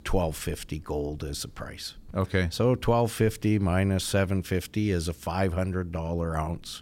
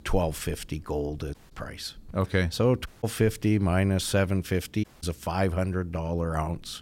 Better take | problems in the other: first | audio cutting out; at 1.5 s, at 3 s and at 5 s

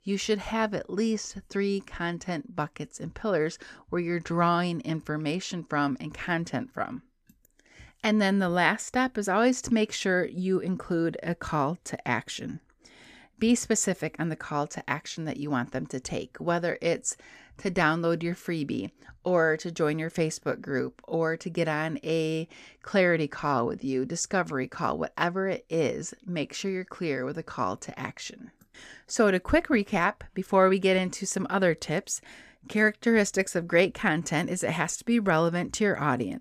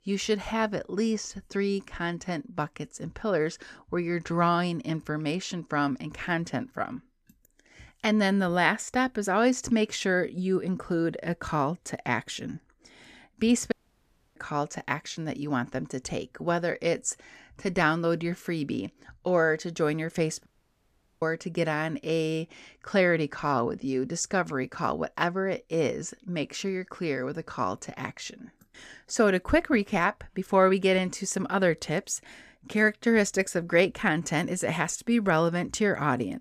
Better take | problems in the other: first | audio cutting out; at 14 s for 0.5 s and at 20 s for 1 s

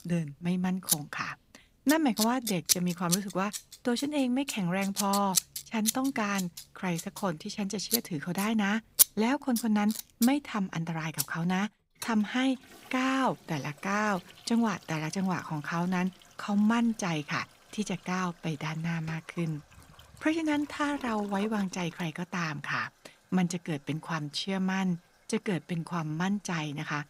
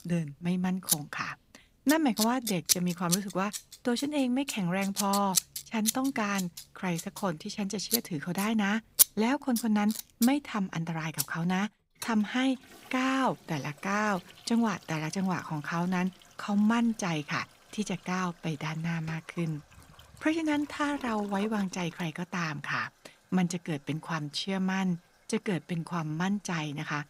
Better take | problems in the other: neither | household noises; loud; throughout; 1 dB below the speech; the same in both

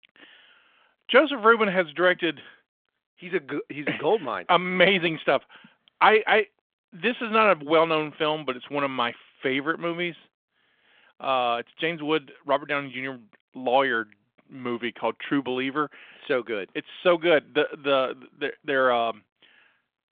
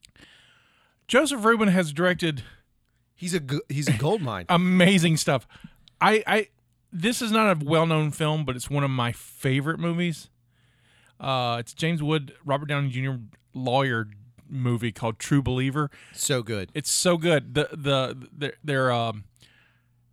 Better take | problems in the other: second | phone-call audio; nothing above 3.5 kHz

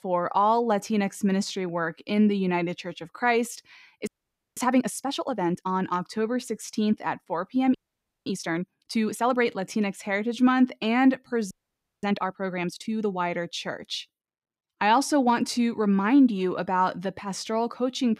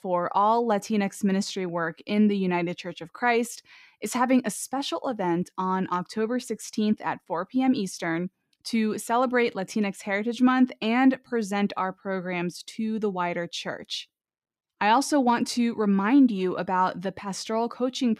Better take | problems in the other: second | audio freezing; at 4 s for 0.5 s, at 8 s for 0.5 s and at 12 s for 0.5 s

